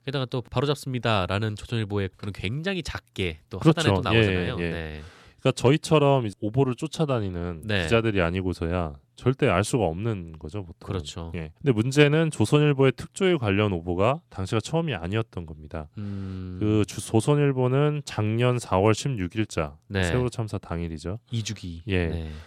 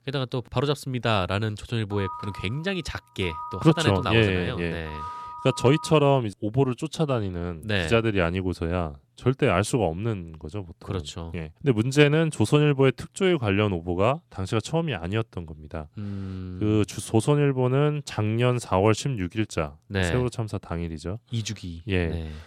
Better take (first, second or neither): first